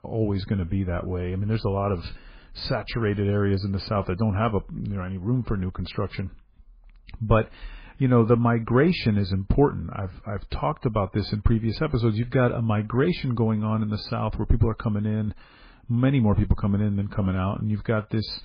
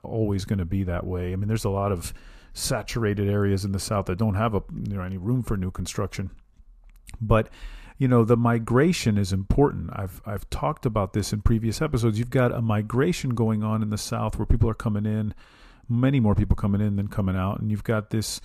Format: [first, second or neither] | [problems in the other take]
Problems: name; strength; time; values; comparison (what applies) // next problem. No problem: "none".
second | garbled, watery; badly; nothing above 4.5 kHz